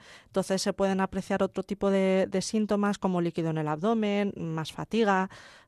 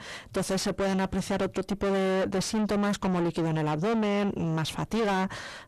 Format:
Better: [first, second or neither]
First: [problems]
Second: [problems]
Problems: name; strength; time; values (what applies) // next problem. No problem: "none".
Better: first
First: none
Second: distortion; heavy; 5 dB below the speech